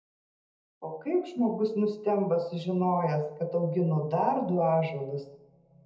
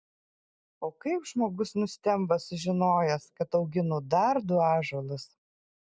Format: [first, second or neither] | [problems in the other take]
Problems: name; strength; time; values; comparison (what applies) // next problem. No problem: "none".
second | room echo; dies away in 0.8 s